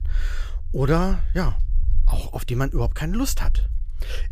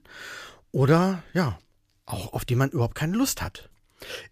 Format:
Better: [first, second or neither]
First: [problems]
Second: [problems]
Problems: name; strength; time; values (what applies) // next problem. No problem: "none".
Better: second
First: low rumble; faint; throughout; 25 dB below the speech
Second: none